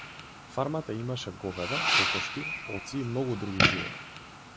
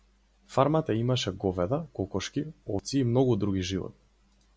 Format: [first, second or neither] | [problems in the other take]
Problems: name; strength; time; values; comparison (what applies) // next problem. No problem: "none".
second | background sound (Fireworks); 3 dB above the speech